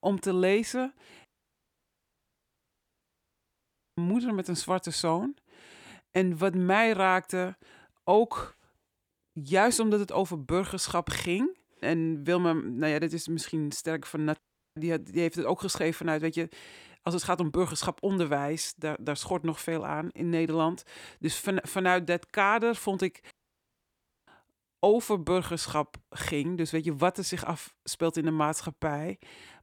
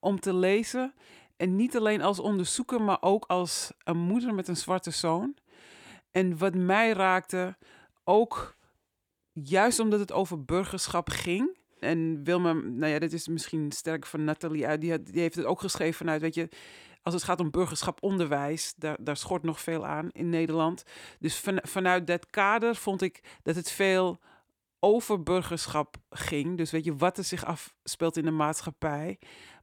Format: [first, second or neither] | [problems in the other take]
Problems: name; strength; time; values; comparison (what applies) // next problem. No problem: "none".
second | audio cutting out; at 1.5 s for 2.5 s, at 14 s and at 23 s for 1 s